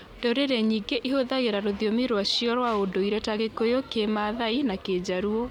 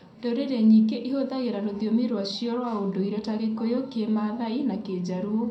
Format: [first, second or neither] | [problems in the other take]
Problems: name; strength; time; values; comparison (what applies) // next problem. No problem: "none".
first | room echo; dies away in 0.5 s